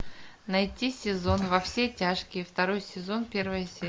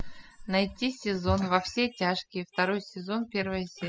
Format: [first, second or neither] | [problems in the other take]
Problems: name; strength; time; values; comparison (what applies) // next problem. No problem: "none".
first | noise reduction (classical method spectral subtraction)